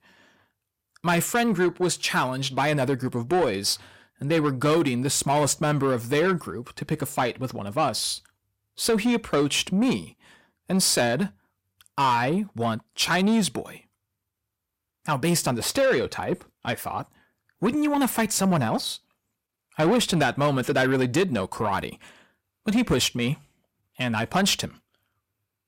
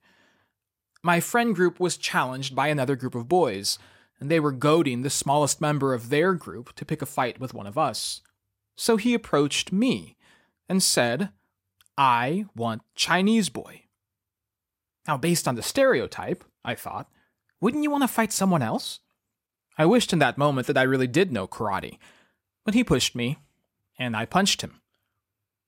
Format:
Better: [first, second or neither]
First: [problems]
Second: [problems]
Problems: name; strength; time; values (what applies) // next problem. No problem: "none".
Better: second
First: distortion; slight; 10 dB below the speech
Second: none